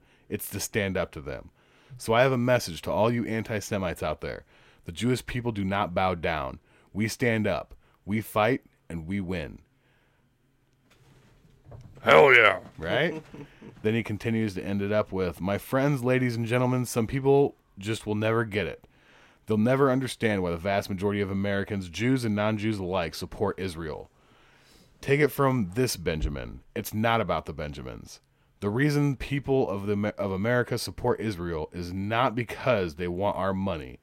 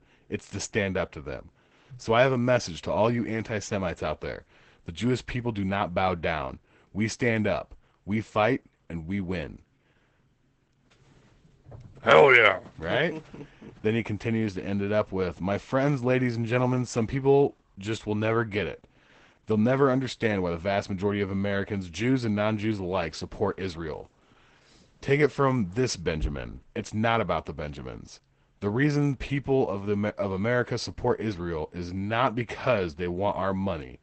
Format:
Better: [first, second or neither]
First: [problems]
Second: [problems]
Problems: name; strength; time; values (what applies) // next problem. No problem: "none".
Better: first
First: none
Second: garbled, watery; badly; nothing above 8 kHz